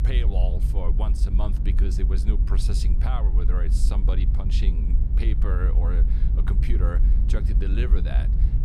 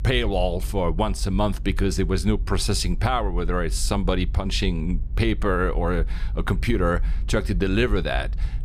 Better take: second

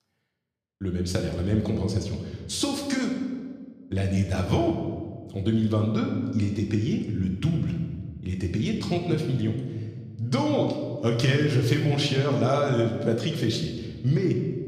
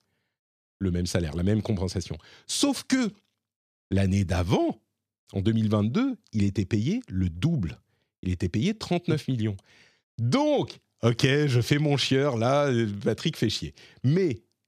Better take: second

